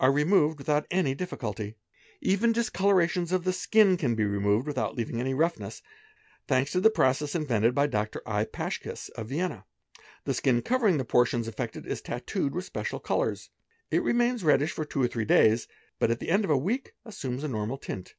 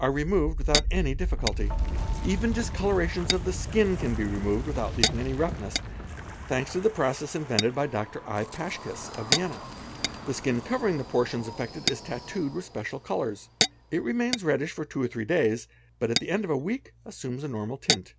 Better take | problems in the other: first | background sound (Wind + Tap / Glass); 3 dB below the speech

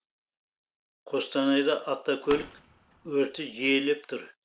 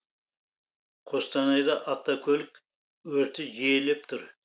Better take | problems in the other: second | background sound (Fireworks); 15 dB below the speech

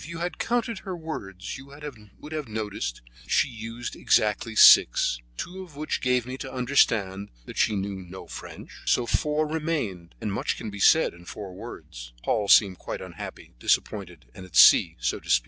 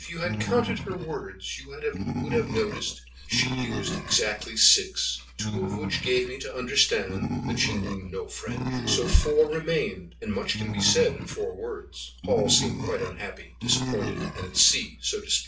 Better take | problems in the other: first | background sound (Animal); 6 dB below the speech // room echo; dies away in 0.3 s

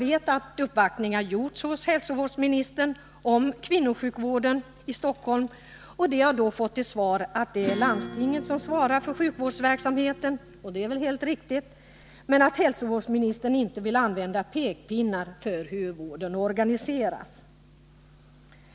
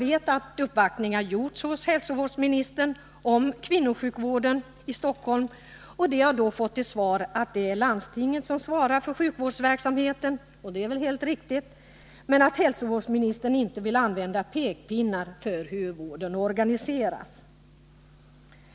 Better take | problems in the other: second | background sound (Acoustic guitar / Strum); 11 dB below the speech

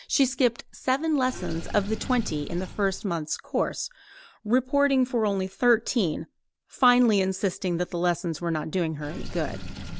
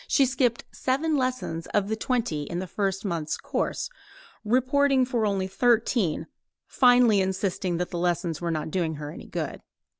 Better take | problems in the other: second | background sound (Sink (filling or washing) / Water); 13 dB below the speech

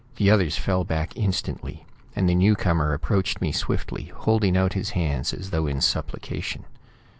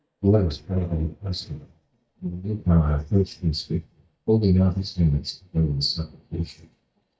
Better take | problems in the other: first | noise reduction (neural mask model DeepFilterNet 3)

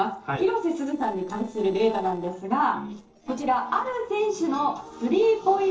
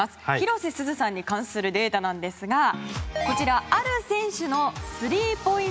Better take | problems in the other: second | noise reduction (neural separator model SepFormer DNS4)

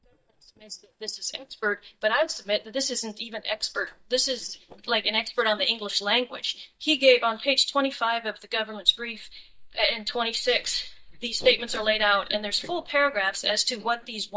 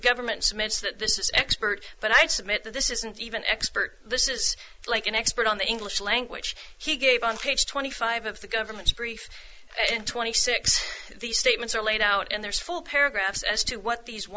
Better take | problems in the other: second | noise reduction (neural mask model DeepFilterNet 3)

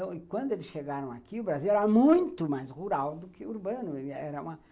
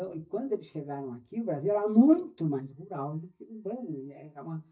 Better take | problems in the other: first | noise reduction (neural mask model DeepFilterNet 3)

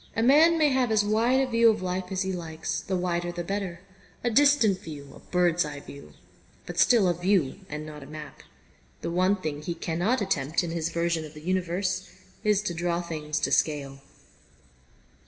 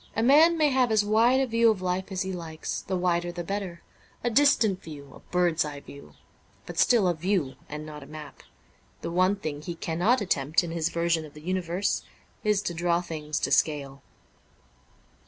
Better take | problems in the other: second | room echo; dies away in 1.2 s

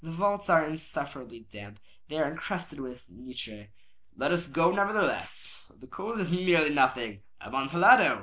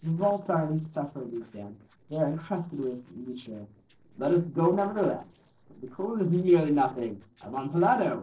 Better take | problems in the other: first | noise reduction (neural separator model SepFormer DNS4)

